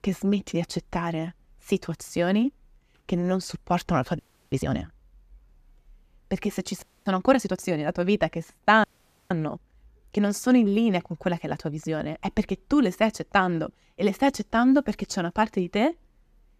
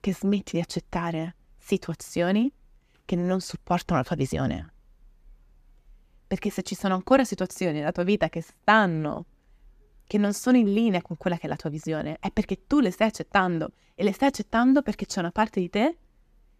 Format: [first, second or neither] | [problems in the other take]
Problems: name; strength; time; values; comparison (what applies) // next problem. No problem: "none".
second | audio freezing; at 4 s, at 7 s and at 9 s